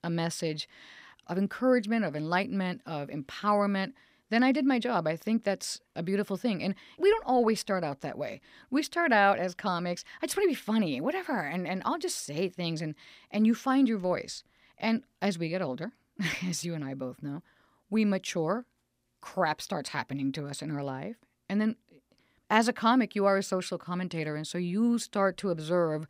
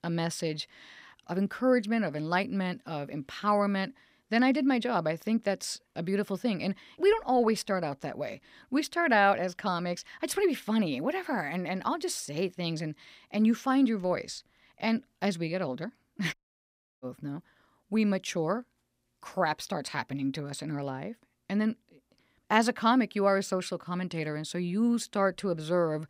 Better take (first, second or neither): first